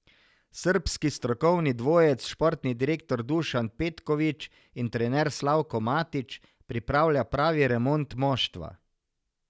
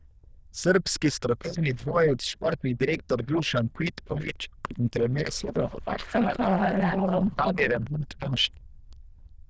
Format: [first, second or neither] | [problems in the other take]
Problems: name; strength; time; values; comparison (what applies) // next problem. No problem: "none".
first | noise reduction (neural diffusion model UNIVERSE++)